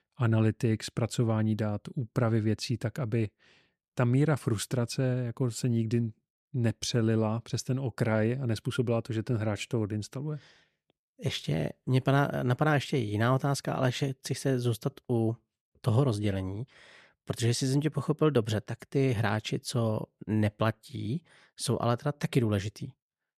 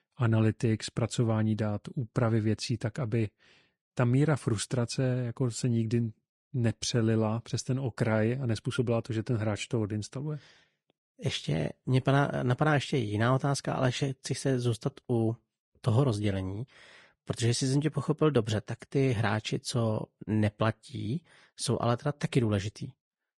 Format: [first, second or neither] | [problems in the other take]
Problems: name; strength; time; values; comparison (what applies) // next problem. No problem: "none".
first | garbled, watery; slightly; nothing above 10.5 kHz